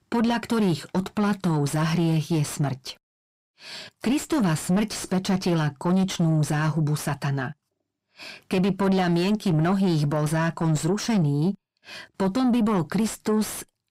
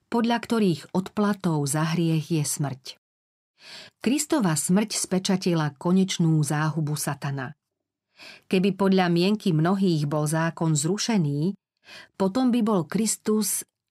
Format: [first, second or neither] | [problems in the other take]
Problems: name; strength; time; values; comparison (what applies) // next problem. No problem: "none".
second | distortion; slight; 10 dB below the speech